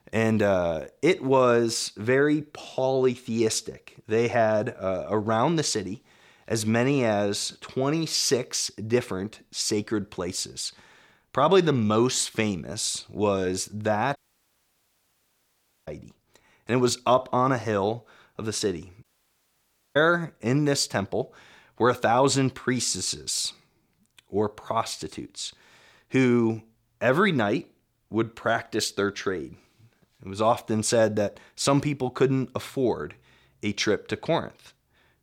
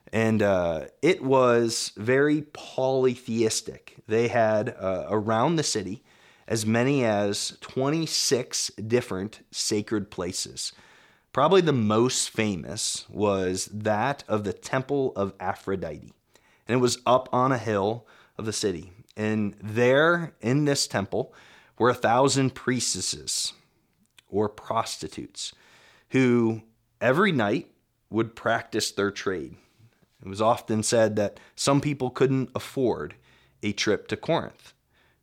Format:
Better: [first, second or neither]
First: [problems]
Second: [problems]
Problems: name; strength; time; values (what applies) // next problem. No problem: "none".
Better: second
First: audio cutting out; at 14 s for 1.5 s and at 19 s for 1 s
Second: none